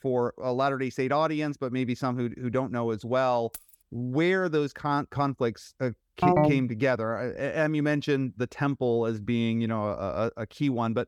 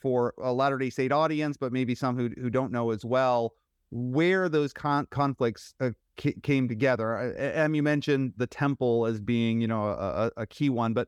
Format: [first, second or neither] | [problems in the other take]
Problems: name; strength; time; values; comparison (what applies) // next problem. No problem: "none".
second | jangling keys; faint; at 3.5 s; peak 15 dB below the speech // phone ringing; loud; at 6 s; peak 5 dB above the speech